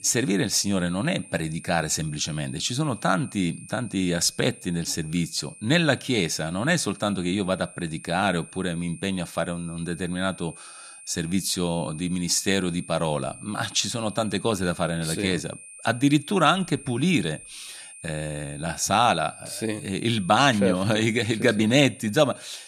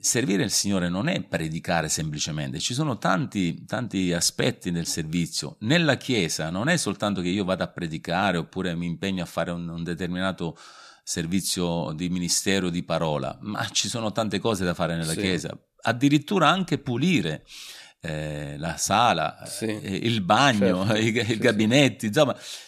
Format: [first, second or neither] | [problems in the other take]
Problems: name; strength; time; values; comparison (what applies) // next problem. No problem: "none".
second | high-pitched whine; noticeable; throughout; 9 kHz, 20 dB below the speech